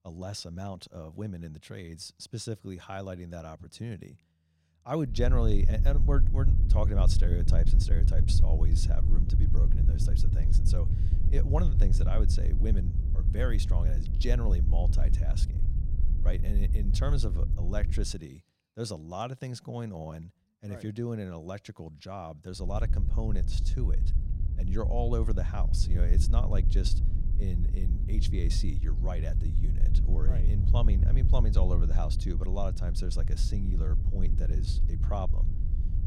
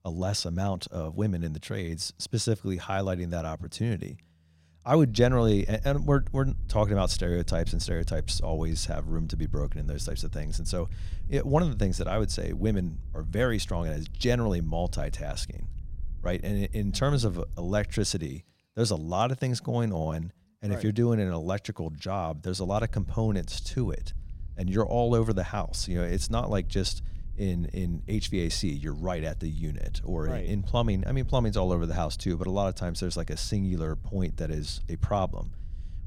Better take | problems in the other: second | wind noise on the microphone; heavy; from 5 to 18 s and from 23 s on; 7 dB below the speech; occasional gusts in the second

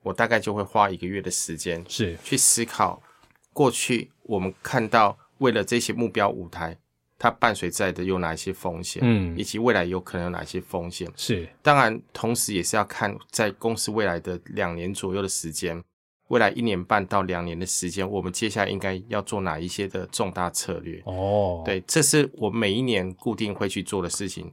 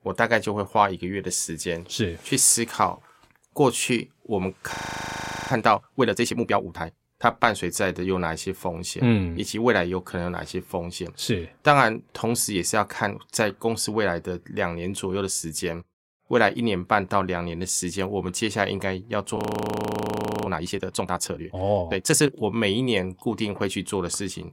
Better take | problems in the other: first | audio freezing; at 4.5 s for 1 s and at 19 s for 1 s

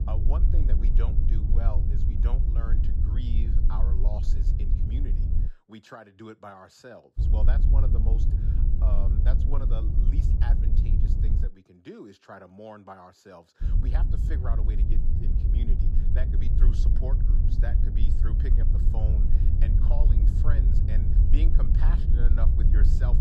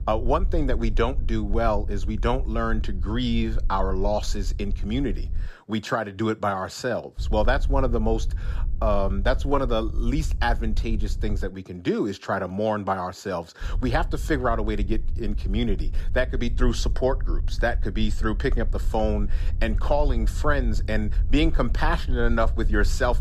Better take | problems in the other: second | low rumble; loud; until 5.5 s, from 7 to 11 s and from 14 s on; as loud as the speech; faint in the second

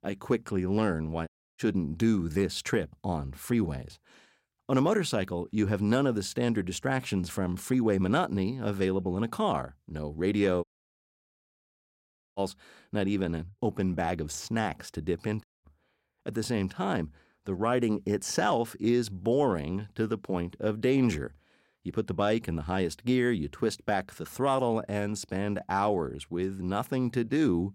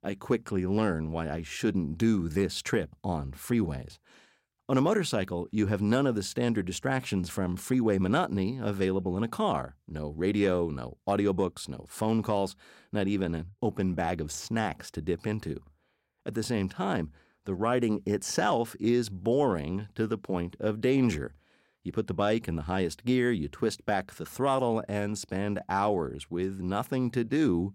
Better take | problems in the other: second | audio cutting out; at 1.5 s, at 11 s for 1.5 s and at 15 s

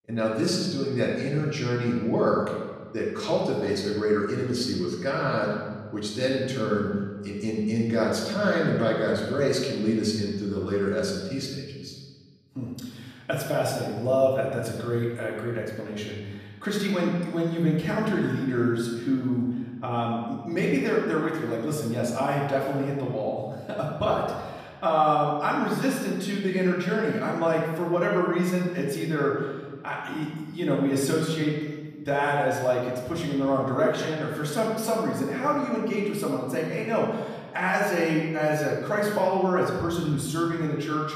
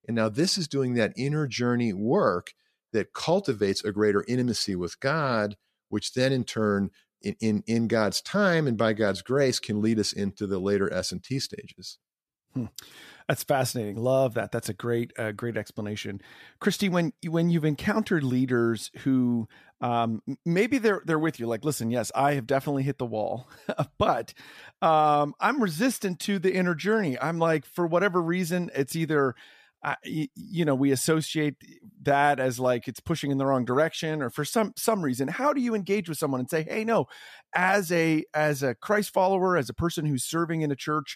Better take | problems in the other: second | off-mic speech; far // room echo; noticeable; dies away in 1.3 s

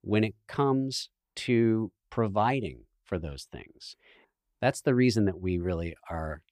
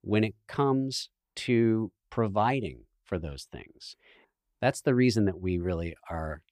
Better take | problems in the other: neither | none

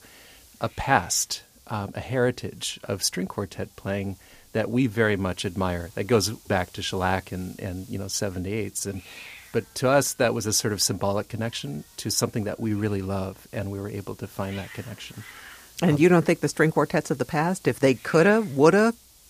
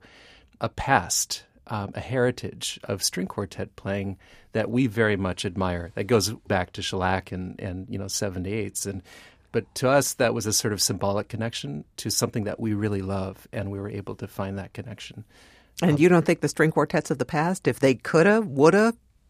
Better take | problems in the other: second | hiss; faint; throughout; 25 dB below the speech

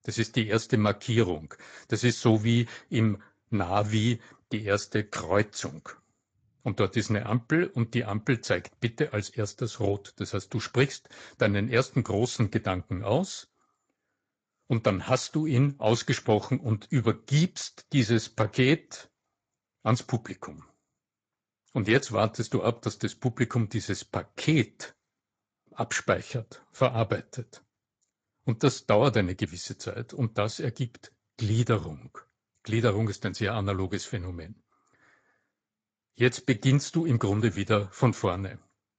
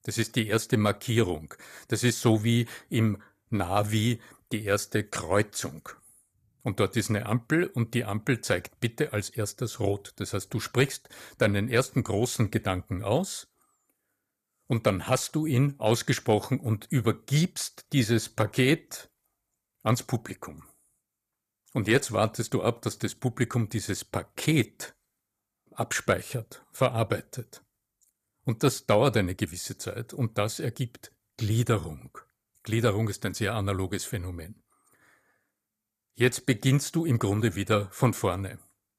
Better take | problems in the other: second | garbled, watery; slightly; nothing above 7.5 kHz

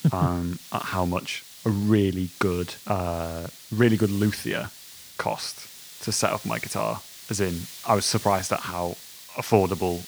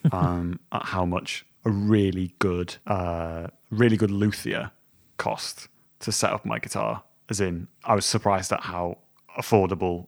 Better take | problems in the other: second | hiss; noticeable; throughout; 15 dB below the speech

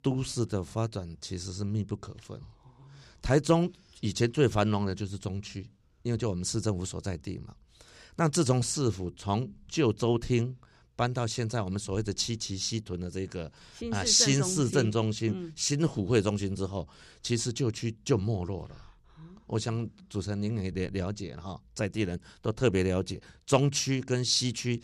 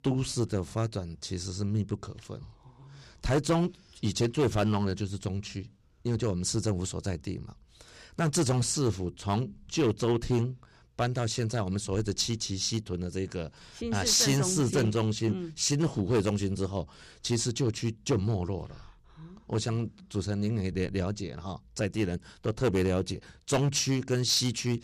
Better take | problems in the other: first | distortion; slight; 4% of the sound clipped

